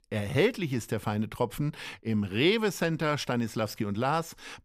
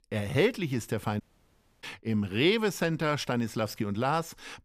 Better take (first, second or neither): first